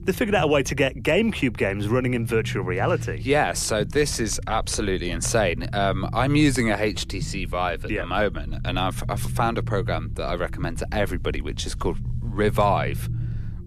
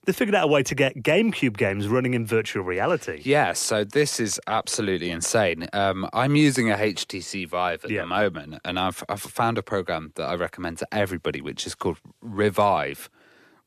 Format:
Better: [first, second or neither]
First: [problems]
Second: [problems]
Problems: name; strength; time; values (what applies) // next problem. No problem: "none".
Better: second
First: low rumble; faint; throughout; 20 dB below the speech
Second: none